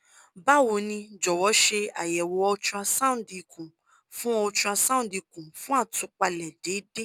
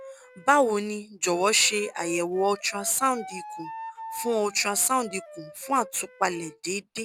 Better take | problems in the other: first | background sound (Wind instrument, woodwind instrument); 16 dB below the speech

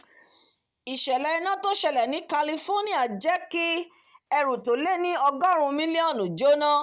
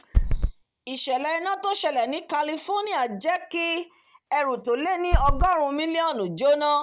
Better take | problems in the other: first | background sound (Run); 5 dB above the speech

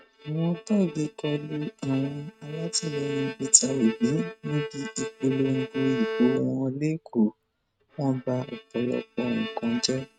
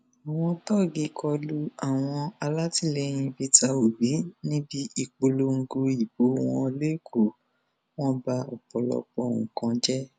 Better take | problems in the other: second | noise reduction (neural mask model RNNoise)

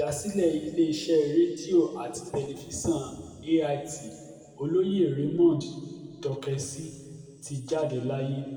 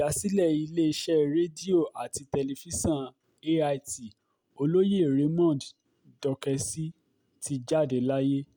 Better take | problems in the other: second | room echo; dies away in 2.1 s

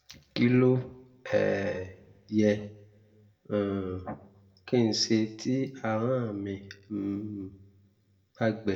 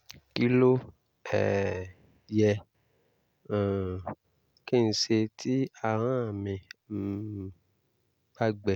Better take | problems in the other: second | room echo; dies away in 0.5 s

